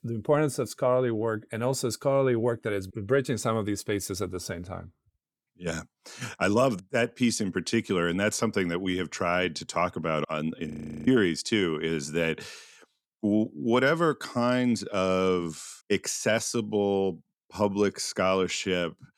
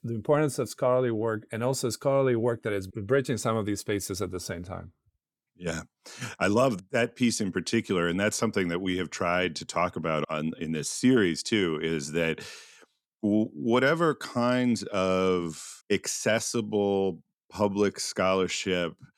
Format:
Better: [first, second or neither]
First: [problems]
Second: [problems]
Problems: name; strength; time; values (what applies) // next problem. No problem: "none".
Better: second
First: audio freezing; at 11 s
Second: none